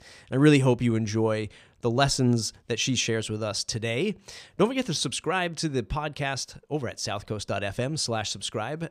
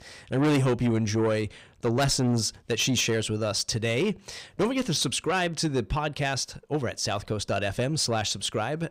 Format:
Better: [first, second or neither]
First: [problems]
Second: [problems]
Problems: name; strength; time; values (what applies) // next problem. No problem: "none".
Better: first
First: none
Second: distortion; heavy; 8 dB below the speech